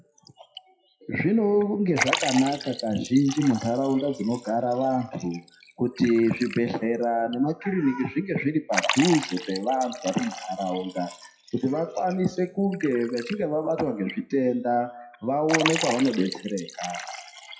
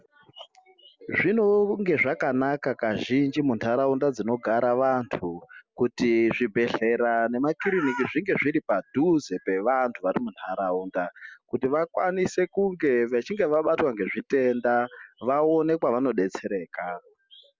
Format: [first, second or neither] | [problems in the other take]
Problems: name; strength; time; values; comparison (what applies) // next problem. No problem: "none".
second | noise reduction (classical method WPE with log-MMSE)